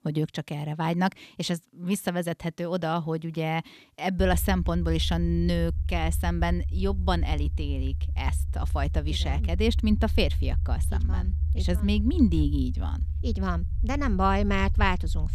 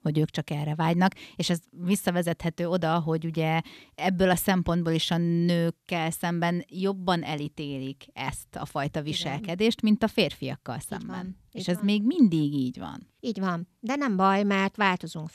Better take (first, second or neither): second